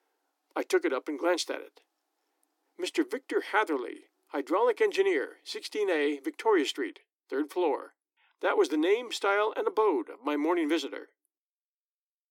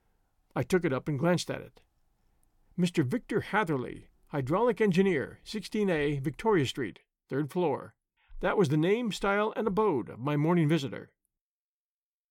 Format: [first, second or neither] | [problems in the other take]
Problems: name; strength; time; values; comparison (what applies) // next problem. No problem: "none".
second | thin; somewhat; fading below 300 Hz